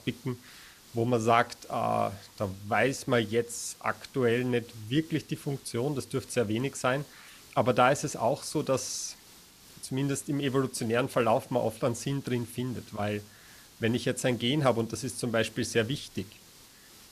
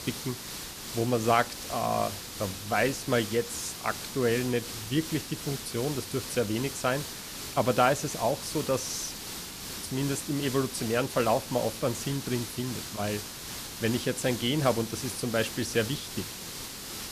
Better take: first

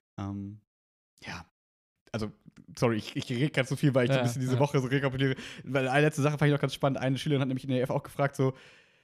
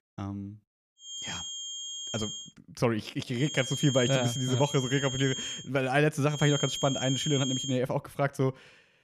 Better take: first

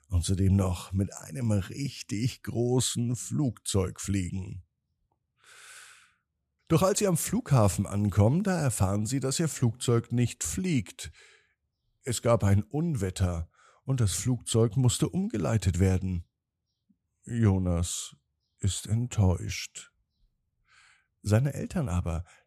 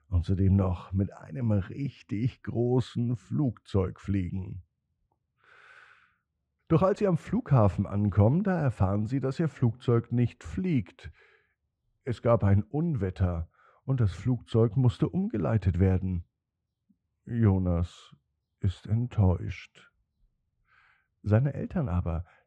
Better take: first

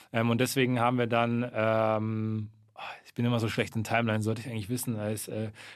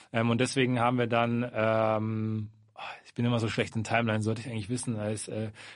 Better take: first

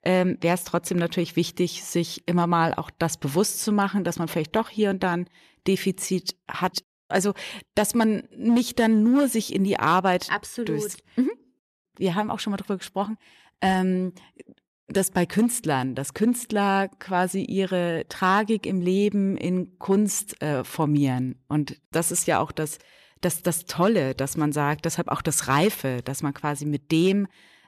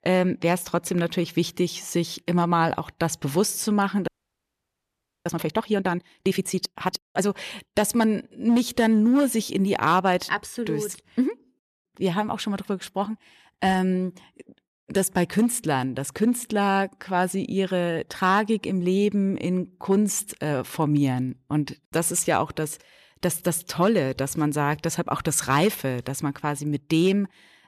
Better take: first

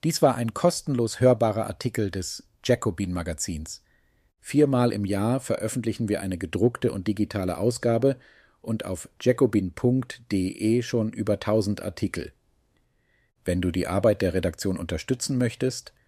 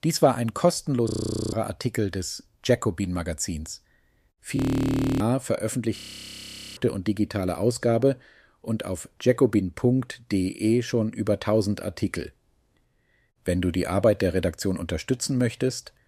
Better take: first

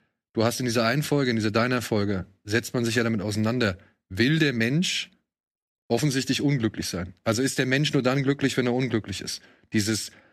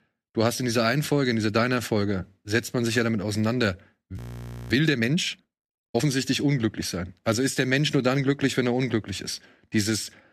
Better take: first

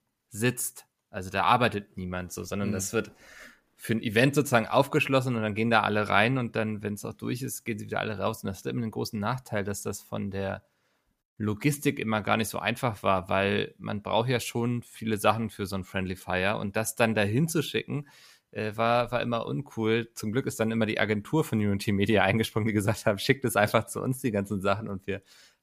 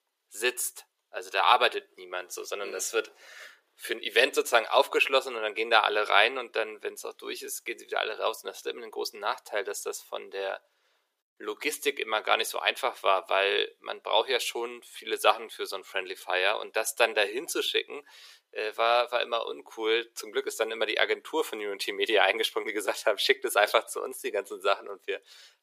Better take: first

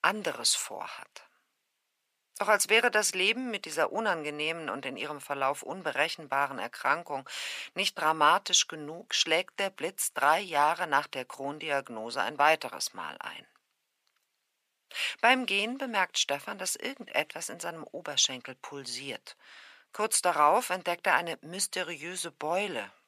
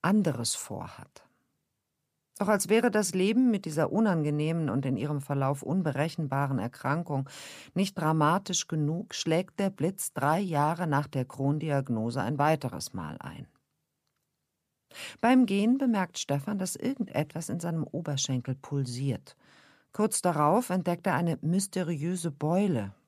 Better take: second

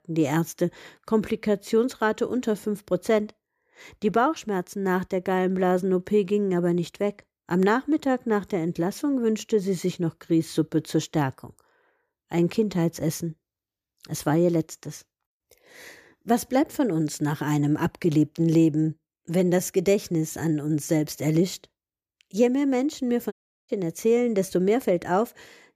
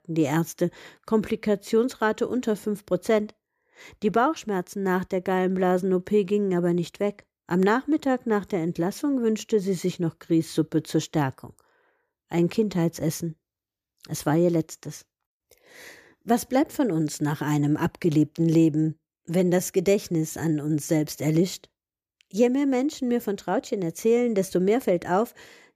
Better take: second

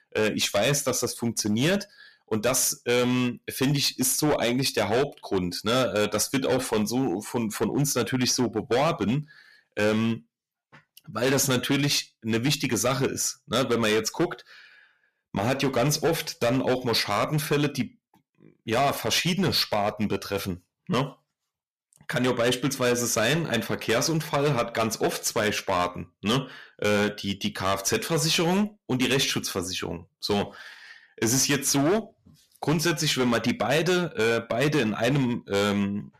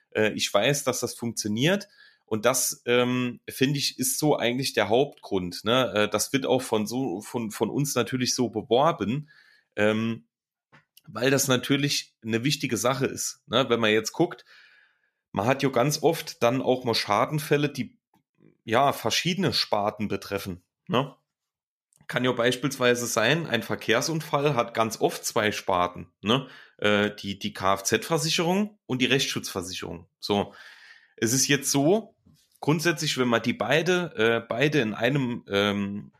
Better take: second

